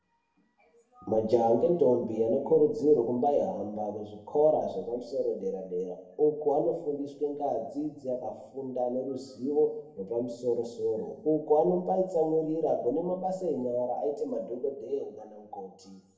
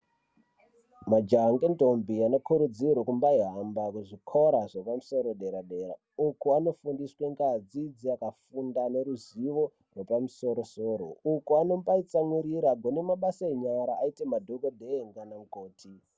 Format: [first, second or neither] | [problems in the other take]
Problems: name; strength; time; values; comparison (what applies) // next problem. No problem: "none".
second | room echo; dies away in 0.8 s